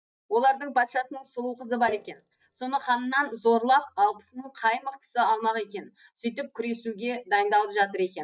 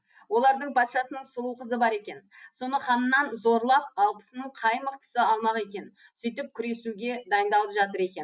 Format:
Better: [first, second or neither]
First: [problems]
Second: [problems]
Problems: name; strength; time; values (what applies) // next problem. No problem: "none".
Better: second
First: noise reduction (neural mask model DeepFilterNet 3)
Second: none